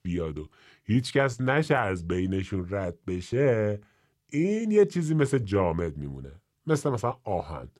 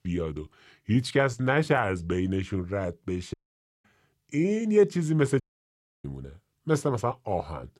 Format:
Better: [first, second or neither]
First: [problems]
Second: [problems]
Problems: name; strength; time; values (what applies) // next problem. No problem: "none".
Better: first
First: none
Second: audio cutting out; at 3.5 s for 0.5 s and at 5.5 s for 0.5 s